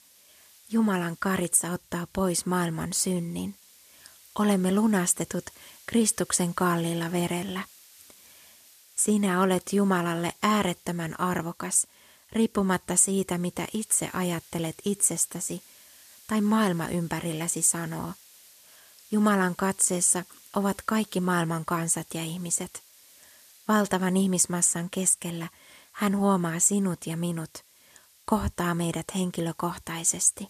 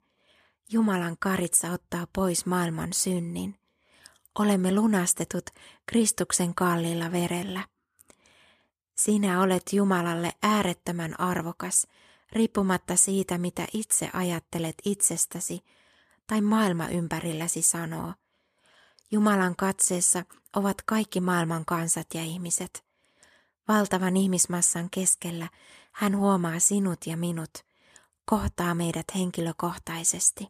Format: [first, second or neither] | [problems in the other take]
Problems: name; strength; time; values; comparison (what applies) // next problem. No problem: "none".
second | hiss; faint; throughout; 25 dB below the speech